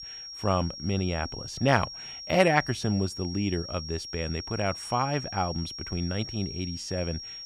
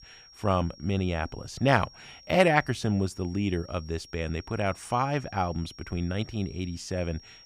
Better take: second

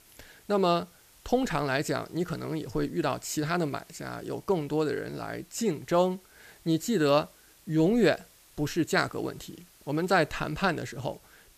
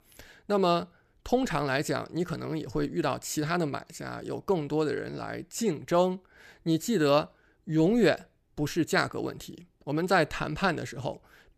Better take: second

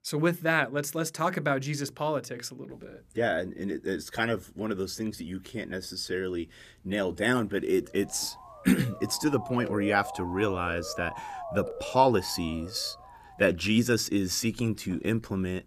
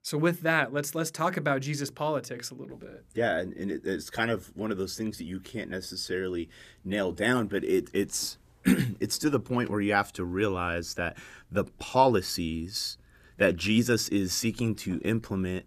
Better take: second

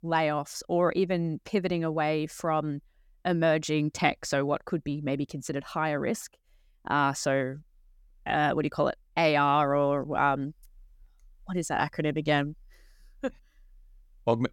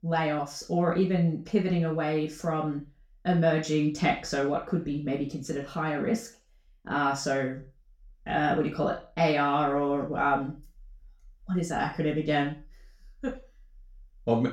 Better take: first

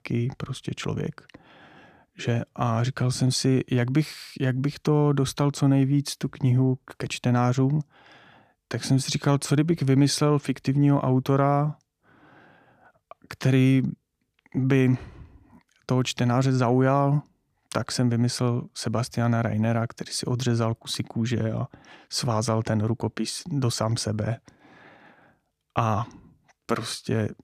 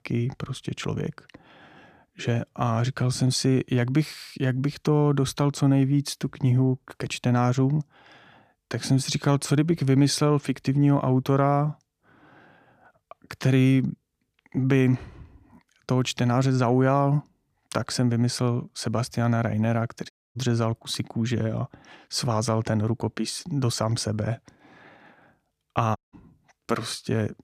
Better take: first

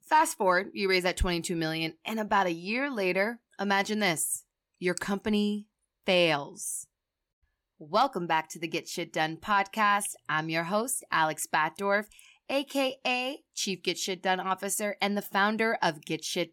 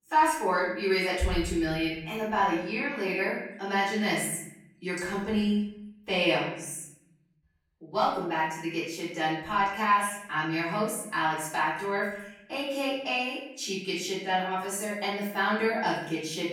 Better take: first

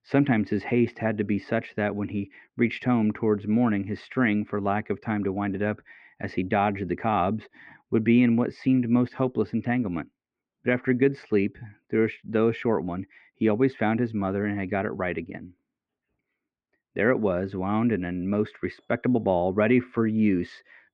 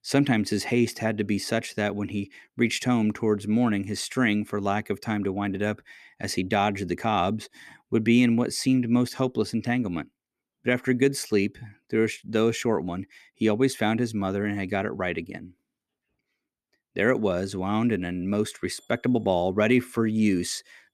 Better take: second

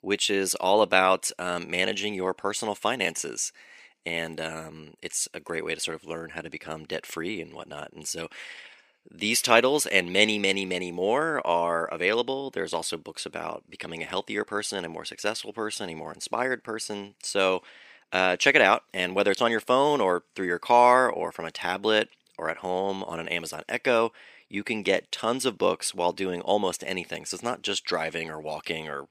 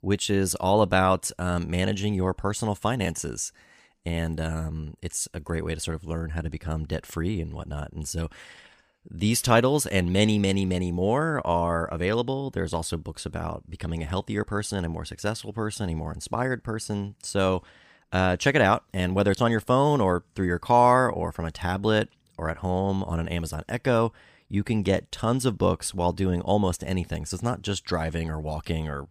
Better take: second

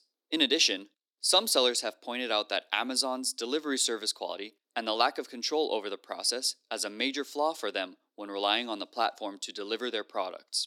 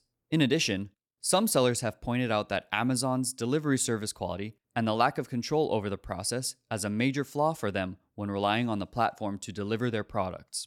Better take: second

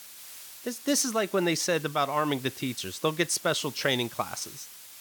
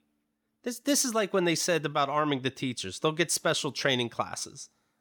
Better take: second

